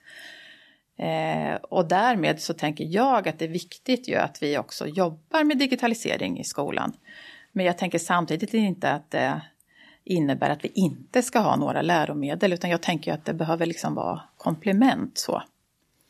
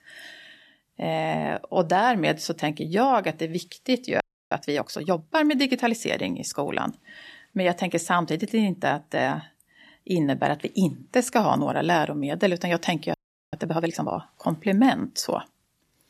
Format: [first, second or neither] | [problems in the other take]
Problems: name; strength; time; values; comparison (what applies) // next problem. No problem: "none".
first | audio freezing; at 4 s and at 13 s